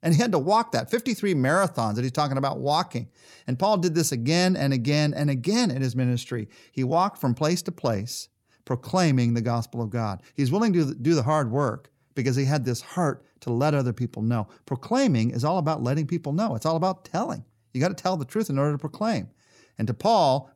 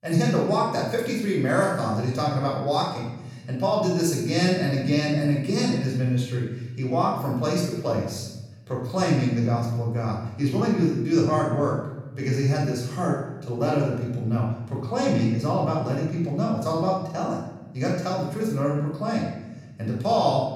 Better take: first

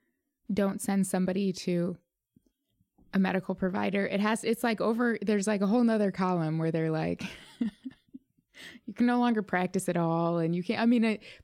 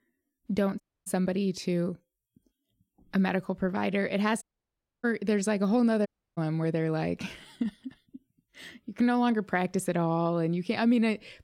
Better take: first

